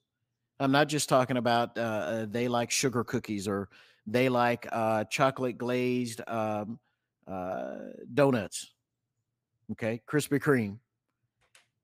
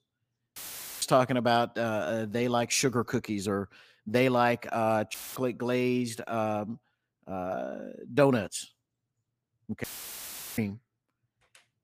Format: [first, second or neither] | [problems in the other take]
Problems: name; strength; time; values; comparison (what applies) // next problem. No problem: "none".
first | audio cutting out; filled with static; at 0.5 s, at 5 s and at 10 s for 0.5 s